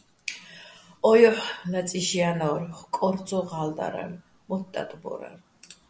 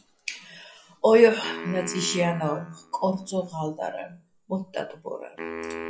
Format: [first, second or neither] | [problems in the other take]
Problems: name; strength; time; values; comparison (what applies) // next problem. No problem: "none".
first | noise reduction (classical method log-MMSE)